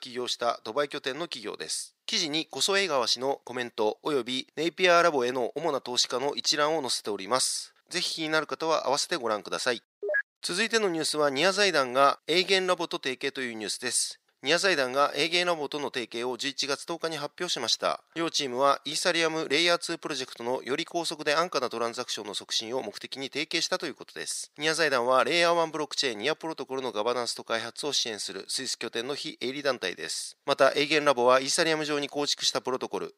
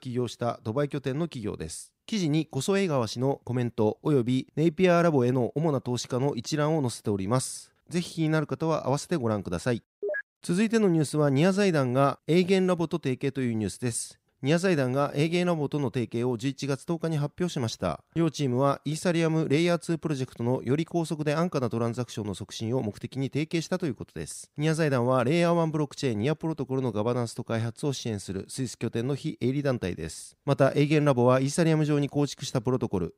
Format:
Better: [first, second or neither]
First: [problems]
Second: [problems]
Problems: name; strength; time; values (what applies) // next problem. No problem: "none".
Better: second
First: thin; very; fading below 550 Hz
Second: none